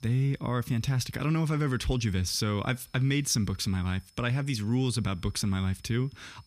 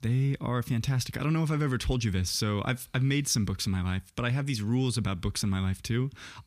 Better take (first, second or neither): second